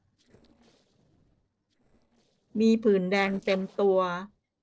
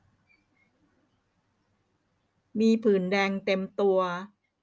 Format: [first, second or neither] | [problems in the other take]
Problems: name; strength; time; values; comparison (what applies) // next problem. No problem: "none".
second | noise reduction (neural separator model SepFormer DNS4)